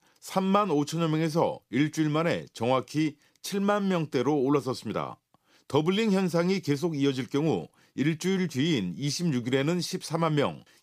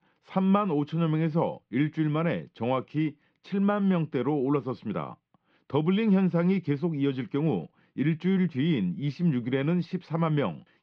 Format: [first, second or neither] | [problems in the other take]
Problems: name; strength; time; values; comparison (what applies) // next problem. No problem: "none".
first | muffled; very; fading above 3 kHz